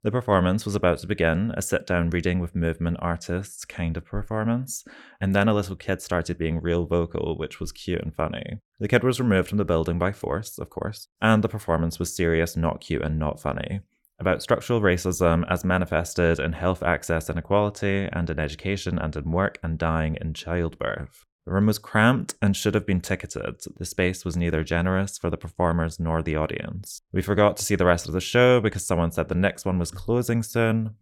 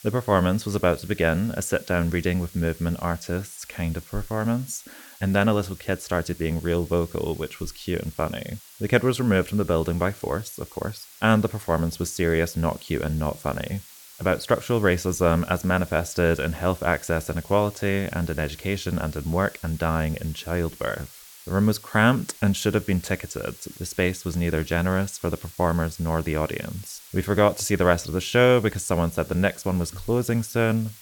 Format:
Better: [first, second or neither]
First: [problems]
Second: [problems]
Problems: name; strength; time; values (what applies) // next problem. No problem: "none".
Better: first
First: none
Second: hiss; noticeable; throughout; 20 dB below the speech